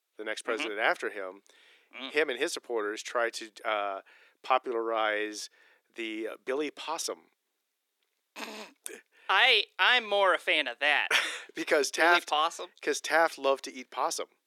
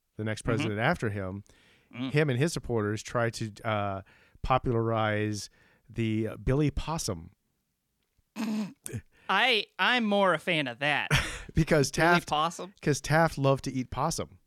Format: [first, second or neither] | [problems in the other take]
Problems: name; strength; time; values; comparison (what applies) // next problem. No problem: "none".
second | thin; very; fading below 350 Hz